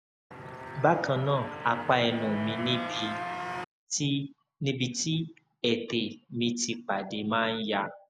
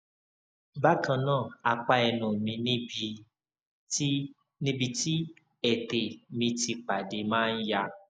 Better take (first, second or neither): second